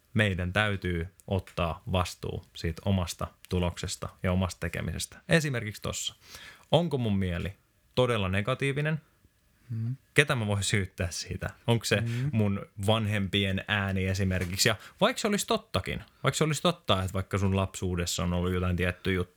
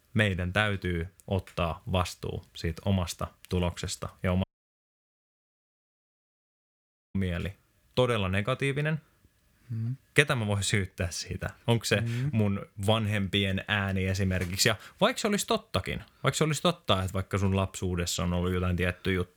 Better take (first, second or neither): first